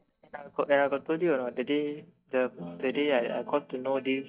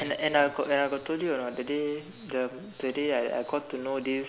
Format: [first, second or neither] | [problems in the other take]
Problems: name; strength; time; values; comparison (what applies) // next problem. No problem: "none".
second | noise reduction (neural mask model DeepFilterNet 3)